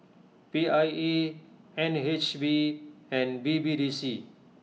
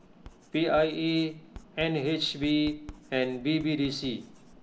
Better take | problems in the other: first | background sound (Writing); 20 dB below the speech

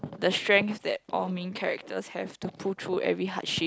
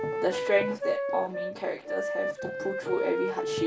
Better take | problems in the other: first | background sound (Wind instrument, woodwind instrument); 1 dB below the speech // room echo; dies away in 0.2 s

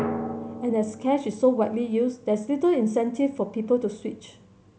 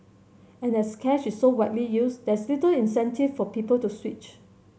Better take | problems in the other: second | background sound (Drum); 12 dB below the speech

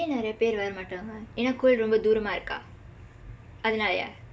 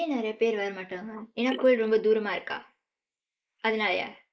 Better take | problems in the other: first | noise reduction (neural mask model Resemble Enhance denoiser)

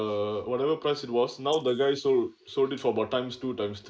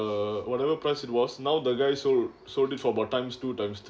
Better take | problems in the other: second | noise reduction (neural mask model Resemble Enhance denoiser)

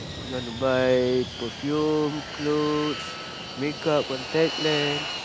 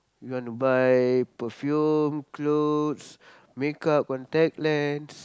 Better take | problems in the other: second | background sound (Fixed-wing aircraft, airplane); 8 dB below the speech

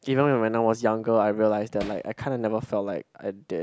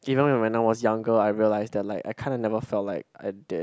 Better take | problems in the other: second | background sound (Hammer); 16 dB below the speech

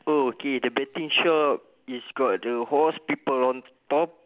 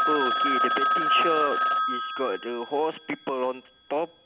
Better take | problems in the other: first | background sound (Telephone); 3 dB above the speech

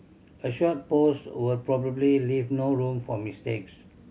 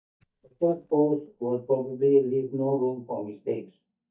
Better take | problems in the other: first | noise reduction (neural mask model DeepFilterNet 3)

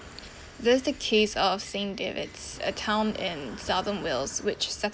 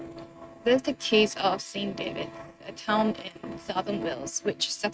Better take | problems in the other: first | noise reduction (neural mask model RNNoise)

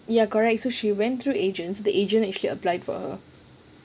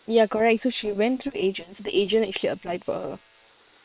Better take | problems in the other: first | noise reduction (neural separator model SepFormer WHAM!)

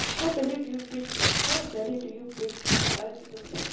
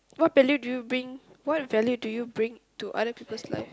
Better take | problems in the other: second | background sound (Tearing); 3 dB above the speech // room echo; dies away in 0.7 s

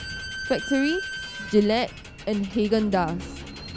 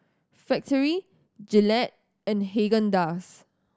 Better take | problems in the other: second | background sound (Squeak / Slam); 10 dB below the speech

